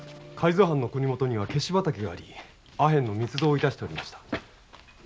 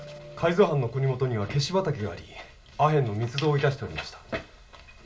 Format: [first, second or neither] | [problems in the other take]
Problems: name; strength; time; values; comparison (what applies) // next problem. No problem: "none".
first | room echo; dies away in 0.2 s